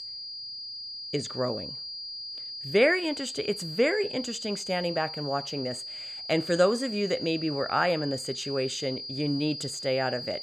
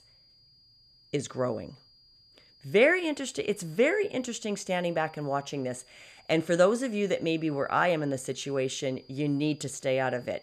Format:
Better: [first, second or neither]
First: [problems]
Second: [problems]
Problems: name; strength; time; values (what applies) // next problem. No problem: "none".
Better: second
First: high-pitched whine; loud; throughout; 5 kHz, 7 dB below the speech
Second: high-pitched whine; faint; throughout; 5 kHz, 30 dB below the speech